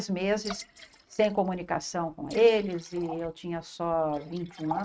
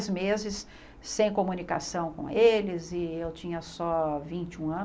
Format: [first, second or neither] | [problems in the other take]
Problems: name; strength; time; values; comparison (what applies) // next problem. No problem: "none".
second | noise reduction (neural mask model RNNoise)